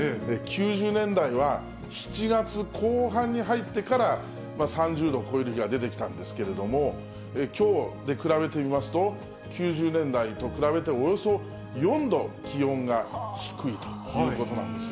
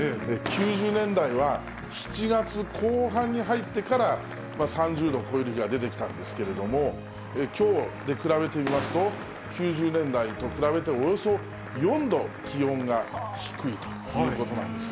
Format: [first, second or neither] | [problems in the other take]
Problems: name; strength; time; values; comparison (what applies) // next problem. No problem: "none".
first | background sound (Fireworks + Applause / Cheering); 14 dB below the speech